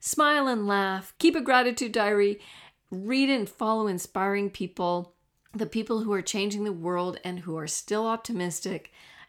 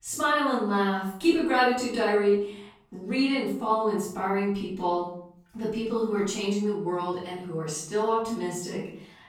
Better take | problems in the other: first | room echo; noticeable; dies away in 0.6 s // off-mic speech; far

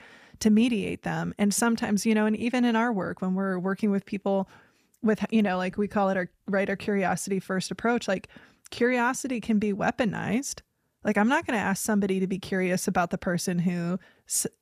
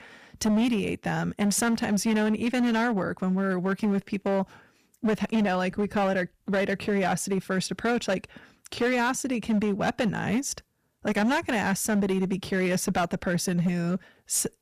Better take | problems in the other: first | distortion; slight; 12% of the sound clipped

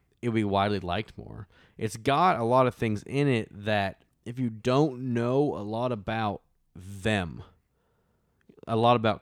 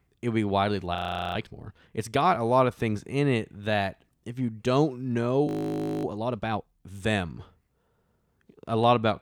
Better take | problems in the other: first | audio freezing; at 1 s and at 5.5 s for 0.5 s

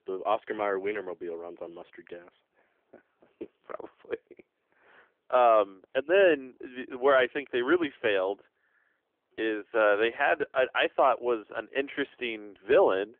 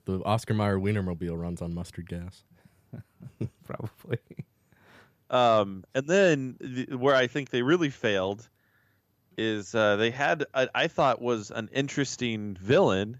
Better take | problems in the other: second | phone-call audio; nothing above 3.5 kHz

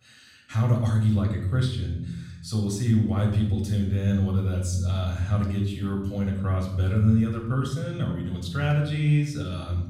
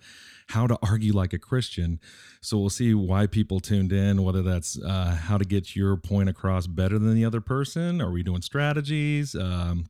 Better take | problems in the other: second | off-mic speech; far // room echo; noticeable; dies away in 0.8 s

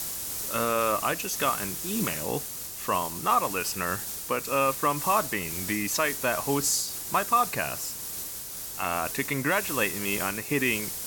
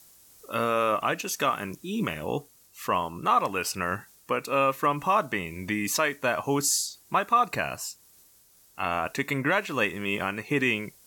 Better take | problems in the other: second | hiss; loud; throughout; 4 dB below the speech; faint in the second

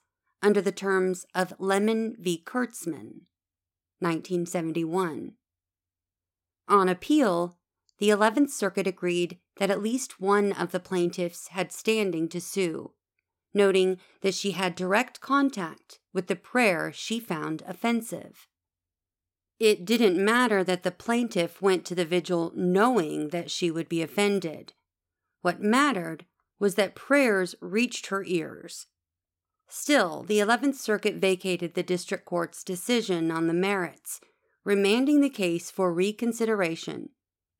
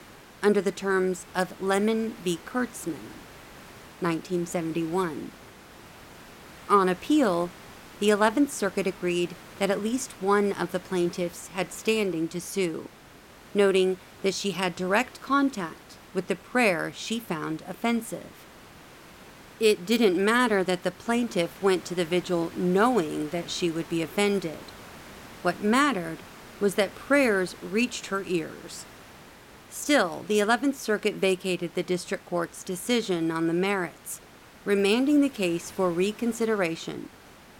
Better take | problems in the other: first | hiss; faint; throughout; 20 dB below the speech

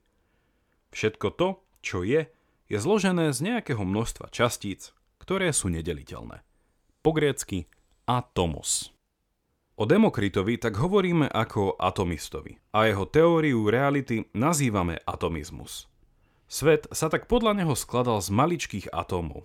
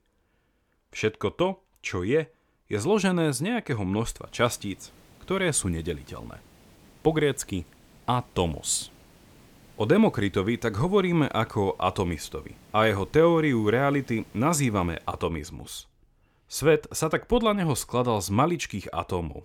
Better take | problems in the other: first | hiss; faint; from 4 to 15 s; 30 dB below the speech

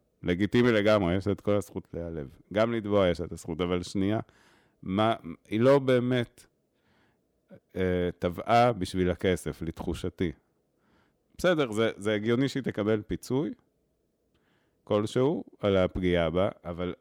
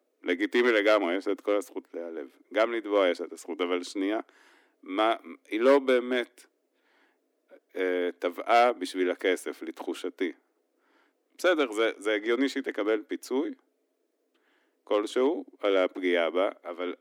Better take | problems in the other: first | thin; very slightly; fading below 250 Hz

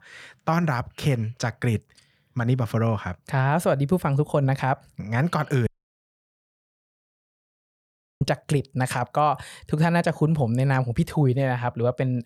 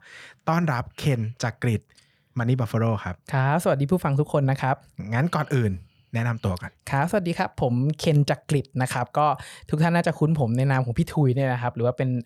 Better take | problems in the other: second | audio cutting out; at 5.5 s for 2.5 s

